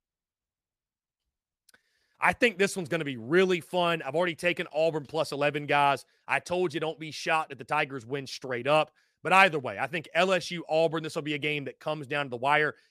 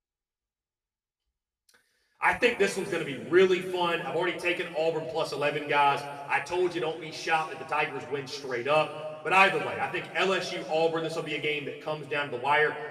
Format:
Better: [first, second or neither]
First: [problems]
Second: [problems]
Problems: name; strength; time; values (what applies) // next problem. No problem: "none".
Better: first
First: none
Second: room echo; noticeable; dies away in 1.8 s // off-mic speech; somewhat distant